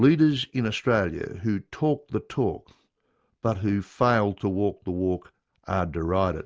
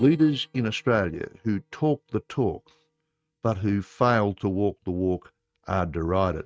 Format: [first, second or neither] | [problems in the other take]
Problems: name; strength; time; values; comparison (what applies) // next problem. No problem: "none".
first | noise reduction (neural mask model RNNoise)